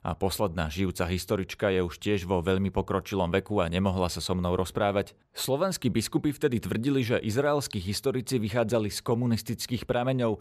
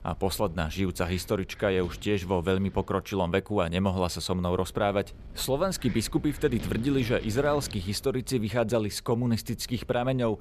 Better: first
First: none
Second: wind noise on the microphone; occasional gusts; 20 dB below the speech

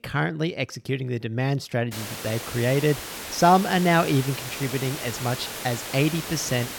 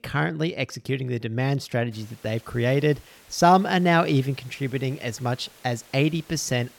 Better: second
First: hiss; loud; from 2 s on; 8 dB below the speech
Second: hiss; faint; from 2 s on; 25 dB below the speech

